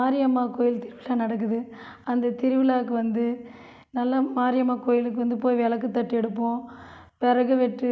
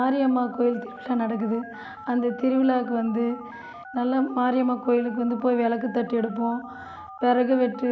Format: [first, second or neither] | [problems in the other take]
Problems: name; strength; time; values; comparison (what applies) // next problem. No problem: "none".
first | background sound (Telephone); 17 dB below the speech